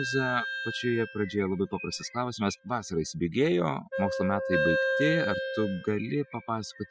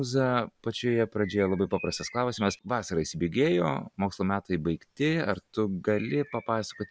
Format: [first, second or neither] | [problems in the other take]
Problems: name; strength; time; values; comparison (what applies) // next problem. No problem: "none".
second | noise reduction (classical method spectral subtraction)